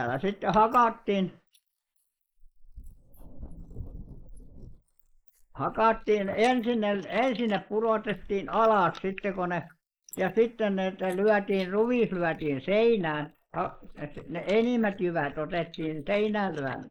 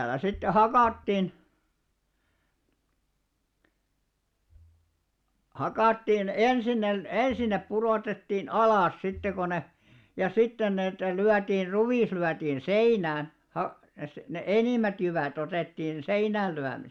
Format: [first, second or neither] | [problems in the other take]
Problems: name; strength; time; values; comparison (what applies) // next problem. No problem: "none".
second | noise reduction (neural mask model Resemble Enhance denoiser)